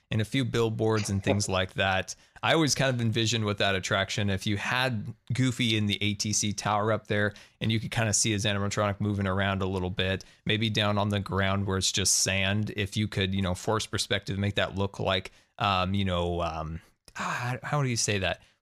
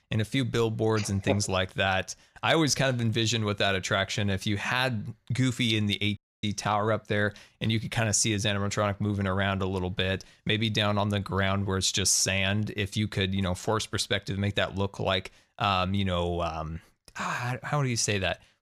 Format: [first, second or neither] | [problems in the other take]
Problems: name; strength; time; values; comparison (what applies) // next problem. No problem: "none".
first | audio cutting out; at 6 s